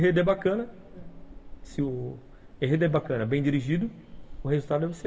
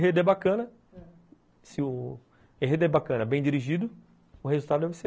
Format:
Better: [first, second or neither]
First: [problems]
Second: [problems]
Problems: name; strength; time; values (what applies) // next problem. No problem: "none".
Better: second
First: background sound (Train); 16 dB below the speech // room echo; dies away in 1.1 s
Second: none